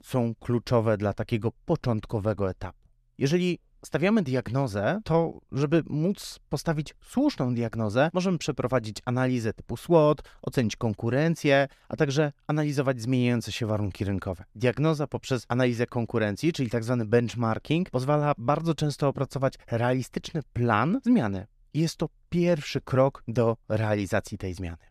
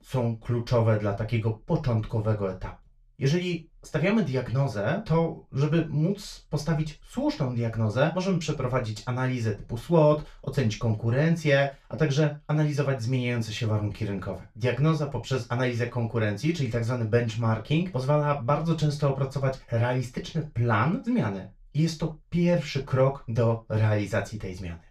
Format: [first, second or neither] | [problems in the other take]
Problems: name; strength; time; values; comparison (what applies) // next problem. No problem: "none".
first | room echo; very slight; dies away in 0.2 s // off-mic speech; far